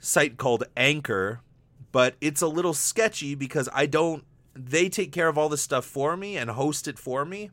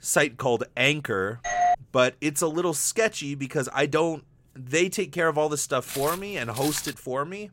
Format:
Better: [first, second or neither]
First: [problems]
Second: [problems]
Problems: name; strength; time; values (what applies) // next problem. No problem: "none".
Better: first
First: none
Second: doorbell; loud; at 1.5 s; peak 2 dB above the speech // footsteps; noticeable; from 6 to 7 s; peak 6 dB below the speech